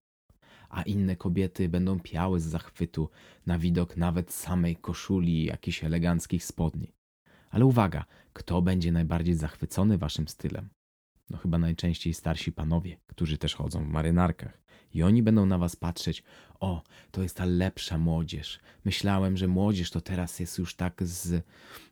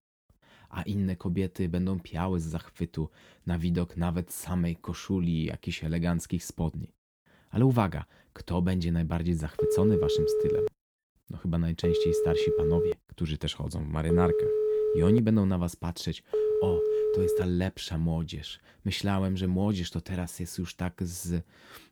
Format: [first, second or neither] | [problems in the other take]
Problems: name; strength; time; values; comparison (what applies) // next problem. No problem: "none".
first | phone ringing; loud; from 9.5 to 17 s; peak 4 dB above the speech